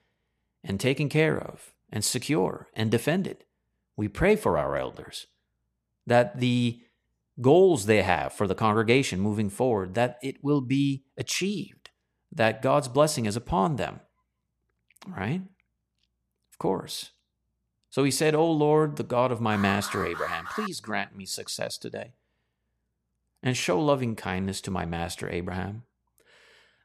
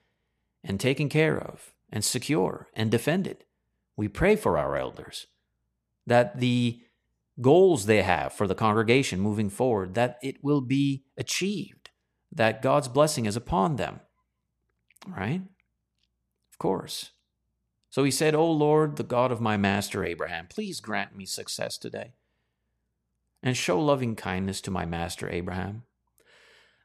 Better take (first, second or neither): second